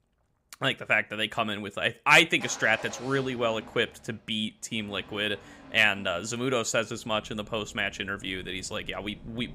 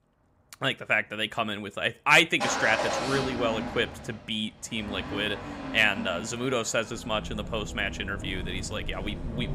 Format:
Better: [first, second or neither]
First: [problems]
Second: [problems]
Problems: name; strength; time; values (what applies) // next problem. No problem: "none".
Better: first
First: traffic noise; faint; throughout; 20 dB below the speech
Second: traffic noise; loud; throughout; 7 dB below the speech